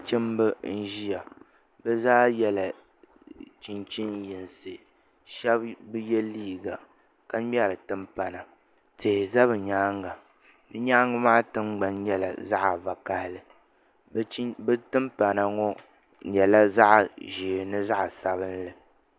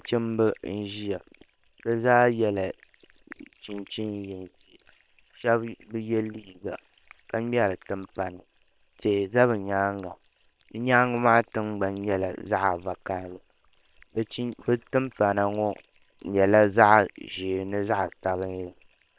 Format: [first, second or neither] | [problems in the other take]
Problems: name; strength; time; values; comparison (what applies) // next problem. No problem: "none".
first | noise reduction (neural separator model SepFormer WHAM!)